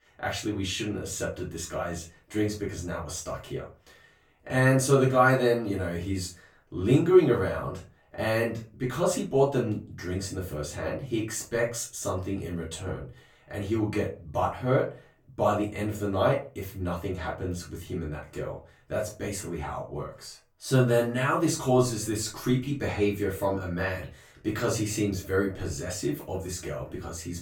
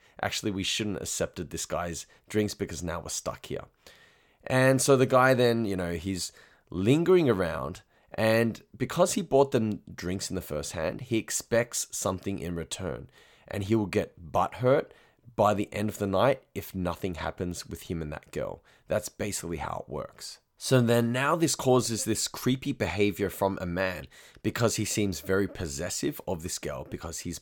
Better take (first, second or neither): second